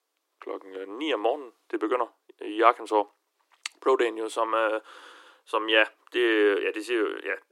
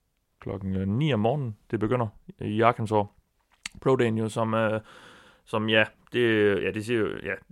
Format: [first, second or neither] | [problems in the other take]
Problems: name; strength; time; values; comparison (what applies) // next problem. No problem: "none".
second | thin; very; fading below 300 Hz